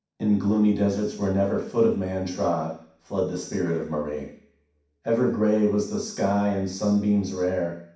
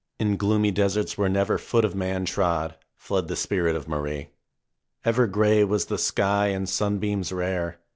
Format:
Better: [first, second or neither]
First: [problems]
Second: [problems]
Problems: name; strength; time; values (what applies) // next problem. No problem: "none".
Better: second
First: room echo; dies away in 0.6 s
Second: none